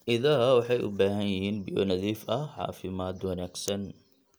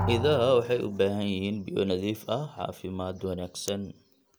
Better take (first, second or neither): first